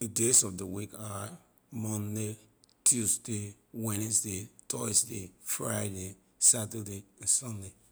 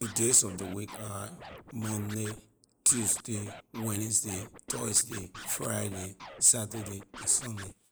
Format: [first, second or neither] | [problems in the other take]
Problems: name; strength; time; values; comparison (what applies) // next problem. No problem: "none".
first | noise reduction (neural mask model Resemble Enhance denoiser)